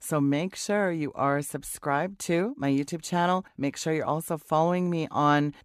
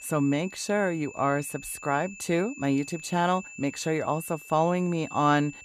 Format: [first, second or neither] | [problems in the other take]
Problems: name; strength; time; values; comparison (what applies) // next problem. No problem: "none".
first | high-pitched whine; noticeable; throughout; 2.5 kHz, 15 dB below the speech